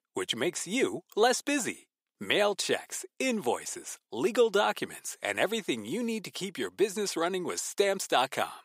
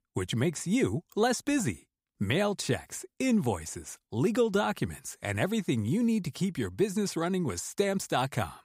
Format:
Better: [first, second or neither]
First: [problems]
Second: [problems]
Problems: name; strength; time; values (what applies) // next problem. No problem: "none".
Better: second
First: thin; somewhat; fading below 450 Hz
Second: none